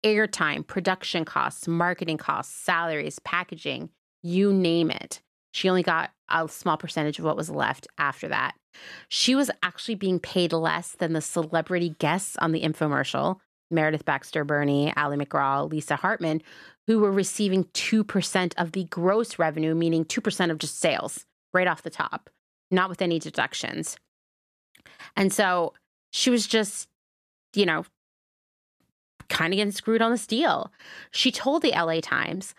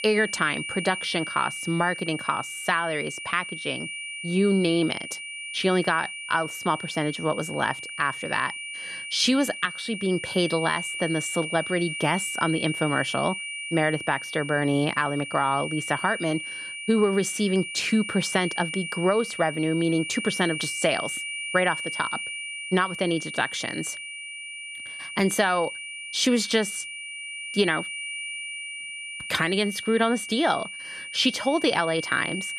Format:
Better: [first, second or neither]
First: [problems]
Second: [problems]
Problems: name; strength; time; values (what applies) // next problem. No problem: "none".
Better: first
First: none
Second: high-pitched whine; loud; throughout; 2.5 kHz, 7 dB below the speech